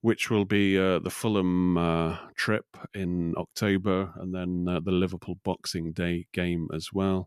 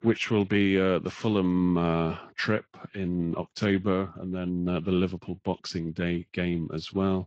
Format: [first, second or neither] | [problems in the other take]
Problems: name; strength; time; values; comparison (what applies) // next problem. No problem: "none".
first | garbled, watery; slightly